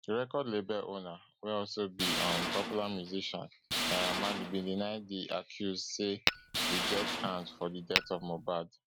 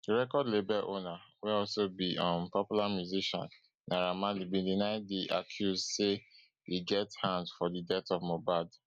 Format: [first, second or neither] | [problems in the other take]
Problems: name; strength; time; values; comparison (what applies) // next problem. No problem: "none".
second | background sound (Tools + Tap / Glass); 1 dB above the speech